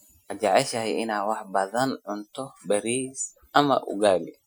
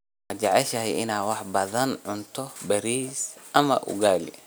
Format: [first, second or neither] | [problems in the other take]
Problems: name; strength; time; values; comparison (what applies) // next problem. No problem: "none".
second | noise reduction (classical method Wiener filter)